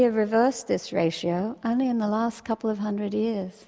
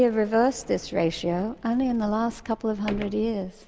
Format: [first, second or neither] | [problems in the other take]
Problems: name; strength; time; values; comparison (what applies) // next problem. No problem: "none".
first | background sound (Sliding door); 18 dB below the speech